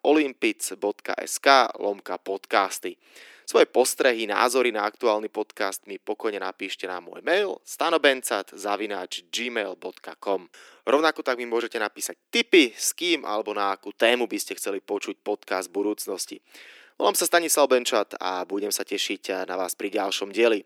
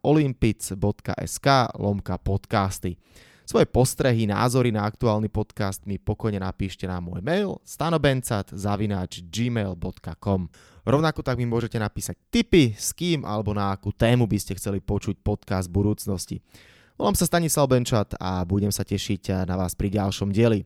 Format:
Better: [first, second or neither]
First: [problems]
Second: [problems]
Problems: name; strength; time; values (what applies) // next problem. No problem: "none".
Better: second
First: thin; very; fading below 300 Hz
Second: none